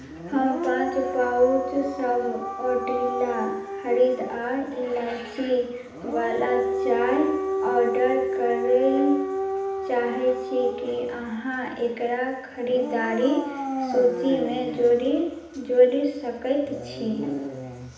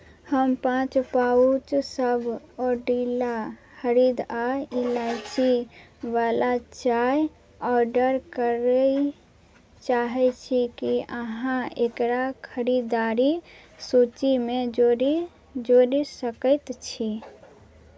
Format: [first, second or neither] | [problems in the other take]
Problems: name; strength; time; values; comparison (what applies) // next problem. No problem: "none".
second | background sound (Siren / Dog); 6 dB below the speech // room echo; dies away in 0.9 s